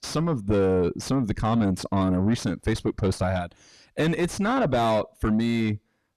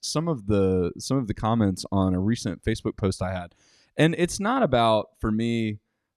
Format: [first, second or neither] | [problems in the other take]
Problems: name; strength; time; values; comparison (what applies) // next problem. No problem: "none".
second | distortion; heavy; 7 dB below the speech